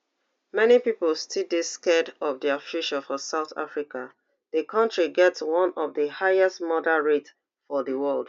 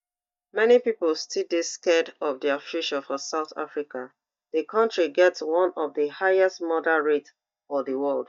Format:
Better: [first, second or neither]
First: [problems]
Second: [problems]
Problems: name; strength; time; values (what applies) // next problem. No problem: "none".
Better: first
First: none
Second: noise reduction (neural mask model DeepFilterNet 3)